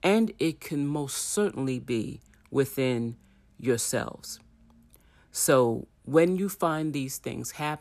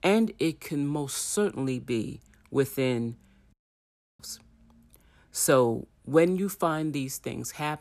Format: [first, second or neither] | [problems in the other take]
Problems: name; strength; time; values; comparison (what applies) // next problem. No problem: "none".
first | audio cutting out; at 3.5 s for 0.5 s